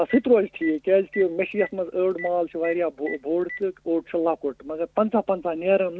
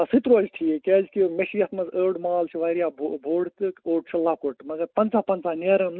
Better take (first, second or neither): second